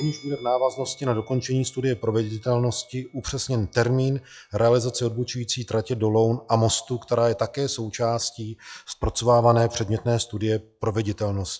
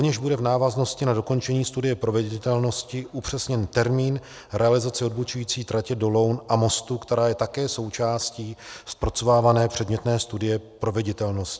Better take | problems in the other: second | noise reduction (classical method log-MMSE)

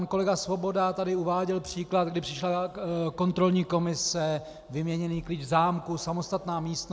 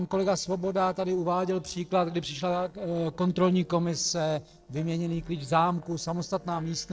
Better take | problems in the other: first | noise reduction (neural separator model SepFormer DNS4)

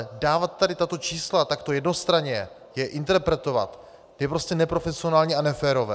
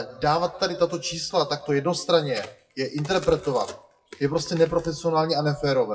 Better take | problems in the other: first | noise reduction (classical method WPE with log-MMSE)

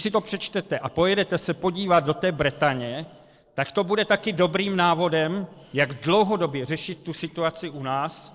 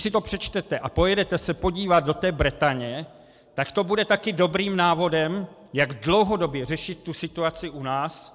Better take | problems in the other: second | noise reduction (neural separator model SepFormer DNS4)

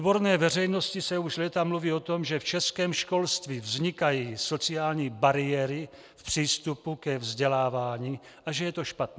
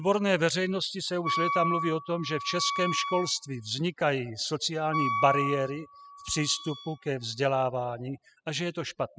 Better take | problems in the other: first | noise reduction (classical method spectral subtraction)

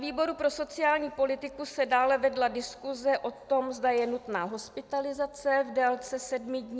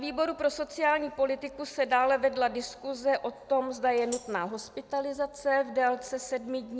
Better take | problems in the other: first | background sound (Tambourine); 19 dB below the speech

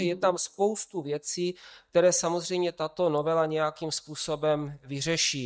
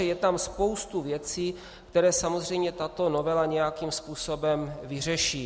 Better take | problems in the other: second | noise reduction (neural mask model DeepFilterNet 3)

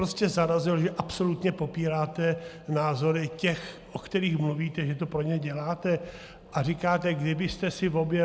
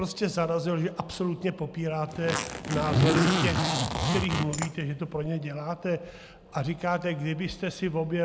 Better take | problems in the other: first | background sound (Zipper (clothing)); 2 dB above the speech

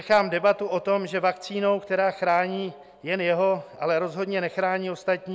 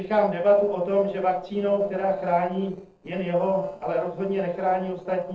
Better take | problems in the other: first | noise reduction (neural separator model SepFormer DNS4)

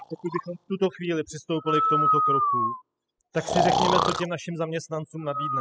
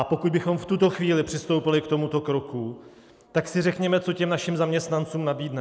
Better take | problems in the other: second | noise reduction (classical method spectral subtraction)

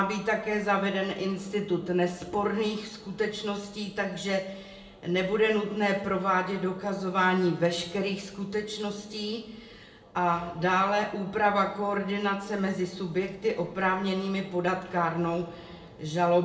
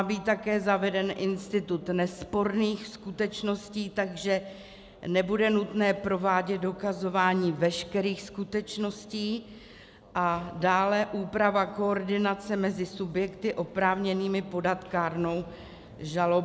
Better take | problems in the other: second | room echo; dies away in 0.6 s

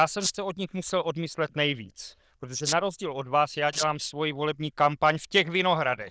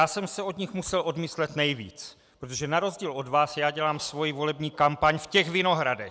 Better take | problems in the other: second | noise reduction (neural diffusion model UNIVERSE++)

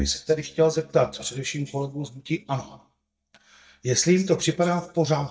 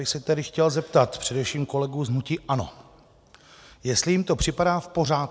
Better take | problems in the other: second | noise reduction (neural mask model DeepFilterNet 3)

